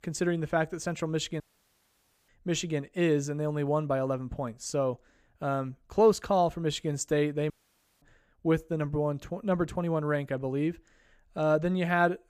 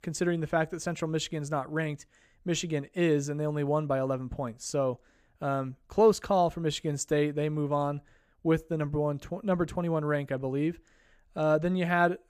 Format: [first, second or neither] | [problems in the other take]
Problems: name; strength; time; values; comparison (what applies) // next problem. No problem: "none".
second | audio cutting out; at 1.5 s for 1 s and at 7.5 s for 0.5 s